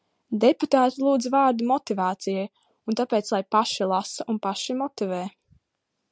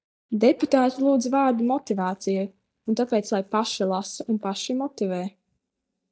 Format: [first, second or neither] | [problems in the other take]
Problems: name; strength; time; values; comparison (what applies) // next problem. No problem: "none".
first | noise reduction (neural mask model DeepFilterNet 3)